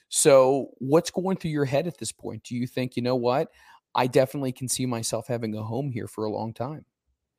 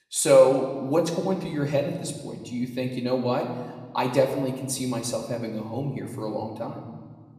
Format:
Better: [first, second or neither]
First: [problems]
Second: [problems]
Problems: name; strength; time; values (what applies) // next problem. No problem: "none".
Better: first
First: none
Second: room echo; slight; dies away in 1.3 s // off-mic speech; somewhat distant